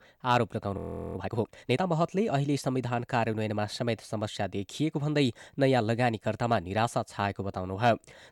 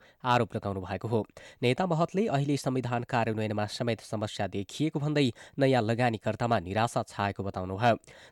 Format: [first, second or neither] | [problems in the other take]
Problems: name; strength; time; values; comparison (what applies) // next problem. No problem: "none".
second | audio freezing; at 1 s